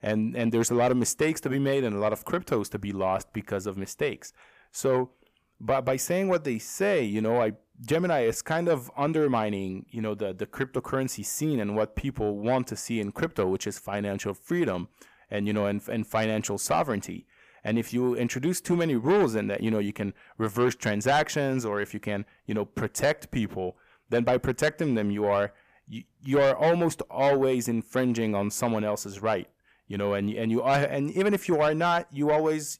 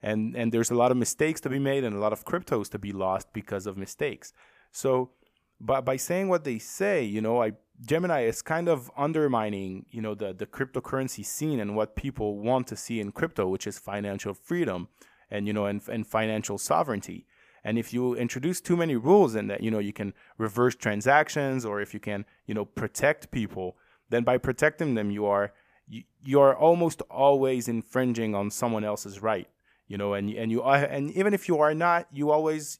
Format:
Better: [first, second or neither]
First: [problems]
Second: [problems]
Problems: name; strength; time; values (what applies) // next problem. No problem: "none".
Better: second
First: distortion; slight; 10 dB below the speech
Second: none